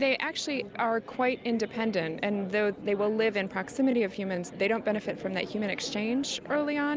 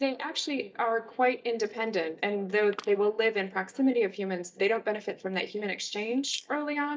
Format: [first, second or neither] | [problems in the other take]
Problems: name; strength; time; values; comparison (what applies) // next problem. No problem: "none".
first | noise reduction (neural mask model DeepFilterNet 3)